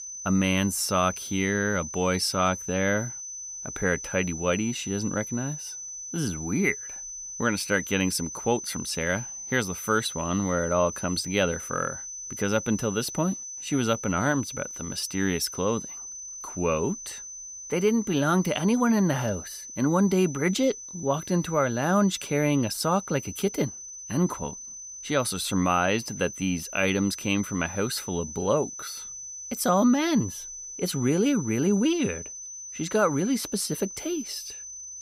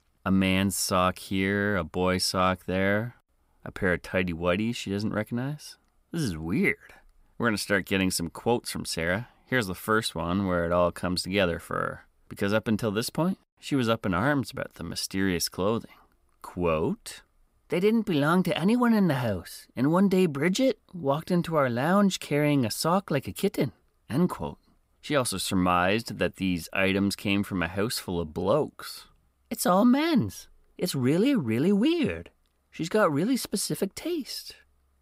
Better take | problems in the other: second | high-pitched whine; loud; throughout; 6 kHz, 9 dB below the speech

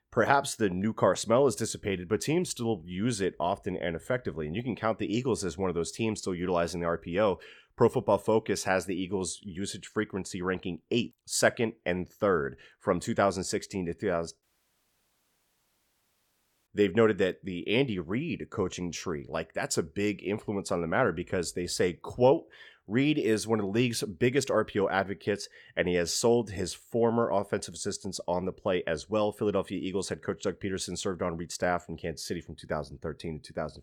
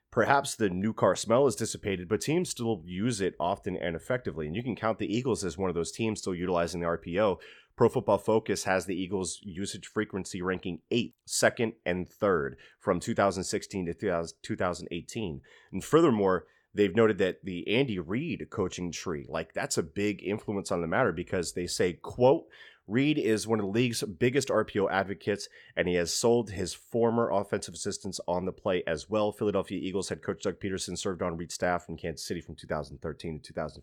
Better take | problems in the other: second | audio cutting out; at 14 s for 2.5 s

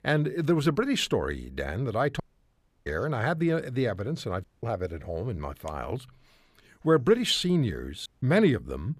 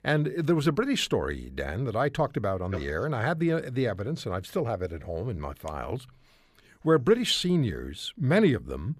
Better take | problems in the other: second | audio cutting out; at 2 s for 0.5 s, at 4.5 s and at 8 s

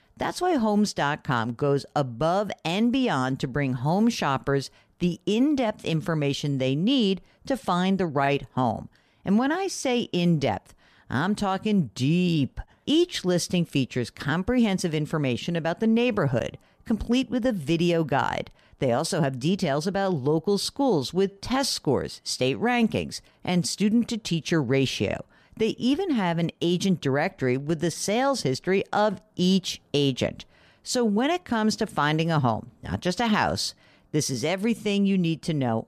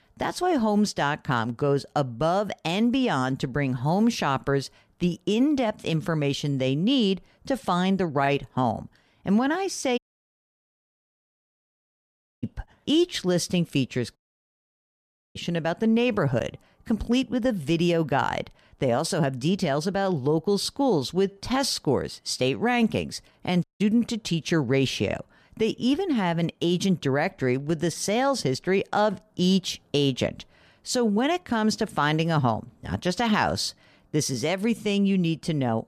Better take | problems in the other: first | audio cutting out; at 10 s for 2.5 s, at 14 s for 1 s and at 24 s

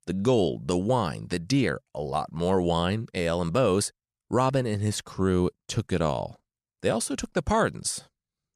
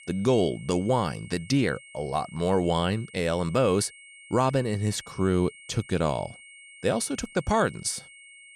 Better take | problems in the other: first | high-pitched whine; noticeable; throughout; 2 kHz, 20 dB below the speech

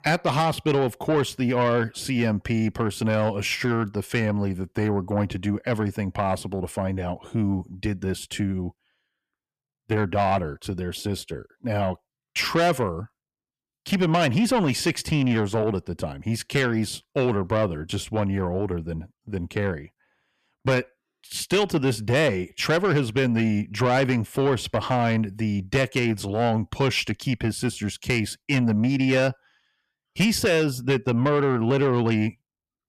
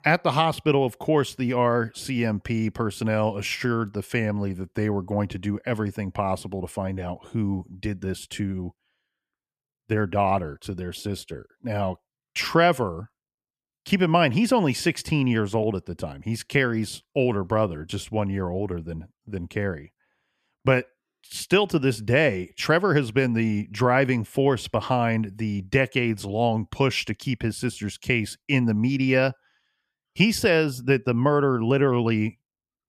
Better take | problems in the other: second | distortion; slight; 10 dB below the speech

